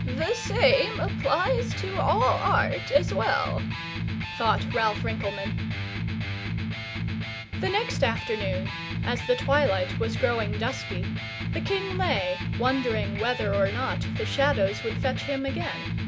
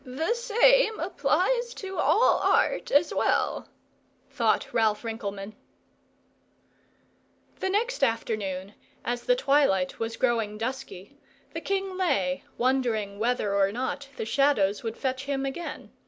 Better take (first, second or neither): second